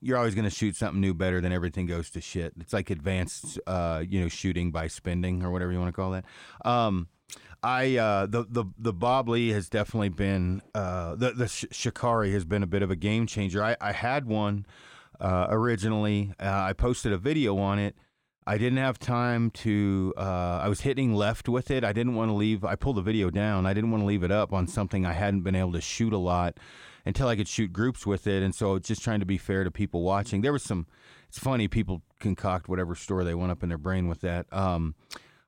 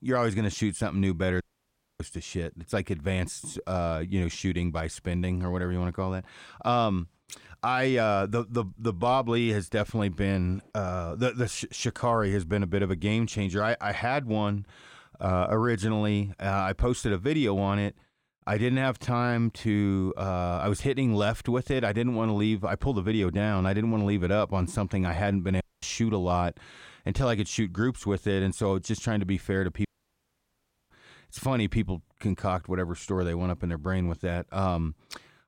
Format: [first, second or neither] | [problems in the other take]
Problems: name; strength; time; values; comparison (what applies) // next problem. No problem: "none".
first | audio cutting out; at 1.5 s for 0.5 s, at 26 s and at 30 s for 1 s